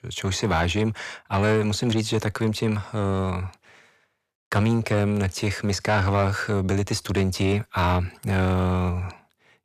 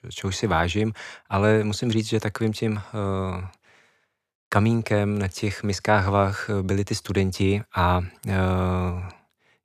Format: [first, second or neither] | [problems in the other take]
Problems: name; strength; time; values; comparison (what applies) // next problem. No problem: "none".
second | distortion; slight; 10 dB below the speech